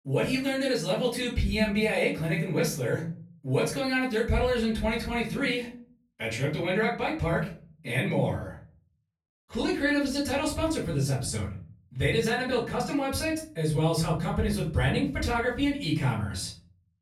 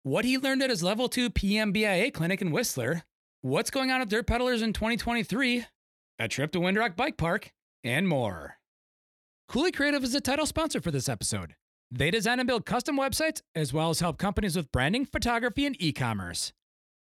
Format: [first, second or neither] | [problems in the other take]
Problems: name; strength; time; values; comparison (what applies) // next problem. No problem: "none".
second | off-mic speech; far // room echo; slight; dies away in 0.5 s